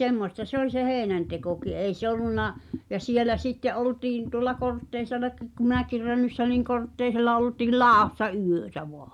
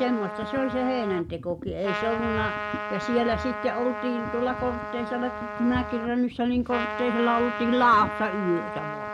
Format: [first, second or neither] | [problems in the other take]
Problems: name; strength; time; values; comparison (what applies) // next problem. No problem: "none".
first | background sound (Trumpet); 7 dB below the speech